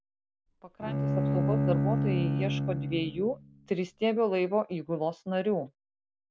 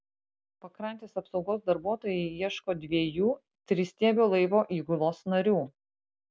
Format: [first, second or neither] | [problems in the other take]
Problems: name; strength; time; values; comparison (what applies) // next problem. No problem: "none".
second | background sound (Bowed string instrument); 2 dB above the speech